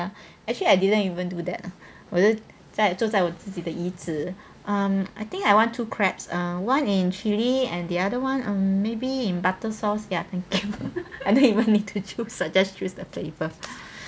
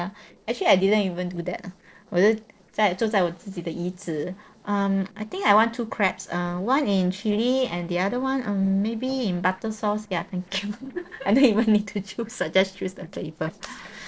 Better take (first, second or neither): first